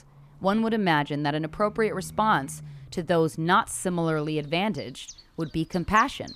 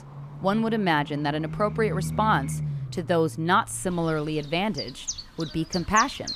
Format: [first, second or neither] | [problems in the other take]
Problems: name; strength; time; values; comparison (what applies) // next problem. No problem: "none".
first | animal sounds; loud; throughout; 9 dB below the speech; faint in the first